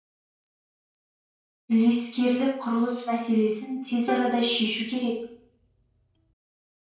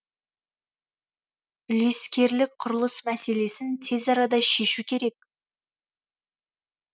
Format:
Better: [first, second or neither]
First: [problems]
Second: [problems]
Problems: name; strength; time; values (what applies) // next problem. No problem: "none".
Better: second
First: noise reduction (neural separator model SepFormer DNS4)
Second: none